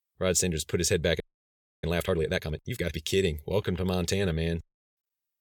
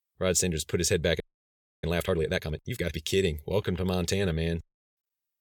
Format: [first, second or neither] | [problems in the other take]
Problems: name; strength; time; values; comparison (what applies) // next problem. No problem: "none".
neither | audio freezing; at 1 s for 0.5 s; the same in both